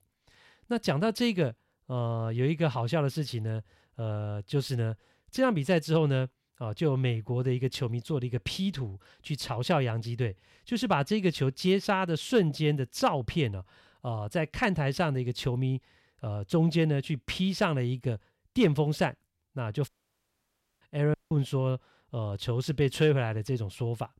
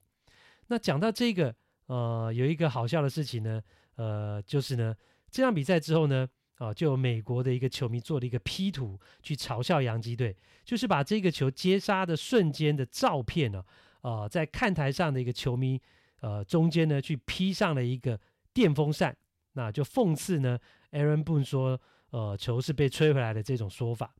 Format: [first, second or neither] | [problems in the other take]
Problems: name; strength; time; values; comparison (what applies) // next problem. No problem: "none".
second | audio cutting out; at 20 s for 1 s and at 21 s